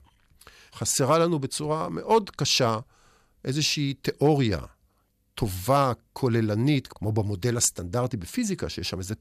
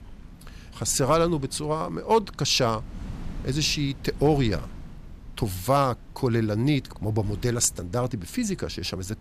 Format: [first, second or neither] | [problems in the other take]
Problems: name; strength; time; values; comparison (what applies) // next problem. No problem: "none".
first | wind noise on the microphone; occasional gusts; 25 dB below the speech